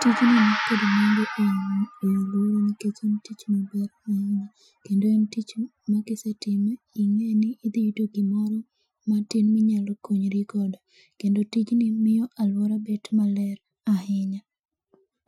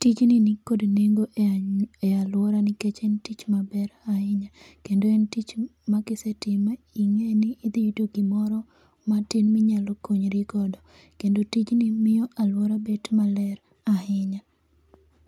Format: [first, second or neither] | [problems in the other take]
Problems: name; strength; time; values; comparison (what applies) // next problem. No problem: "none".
second | noise reduction (classical method Wiener filter)